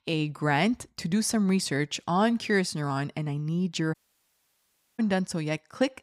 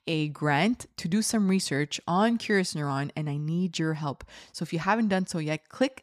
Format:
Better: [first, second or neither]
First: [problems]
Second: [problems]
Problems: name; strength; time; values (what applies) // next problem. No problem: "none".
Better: second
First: audio cutting out; at 4 s for 1 s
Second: none